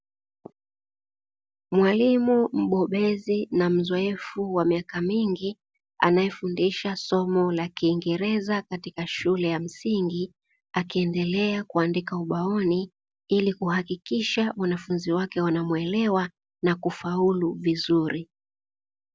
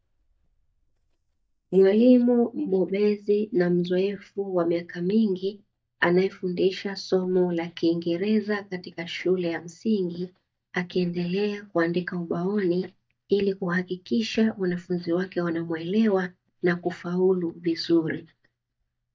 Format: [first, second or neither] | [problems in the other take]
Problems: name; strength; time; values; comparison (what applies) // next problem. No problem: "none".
first | noise reduction (neural mask model DeepFilterNet 3)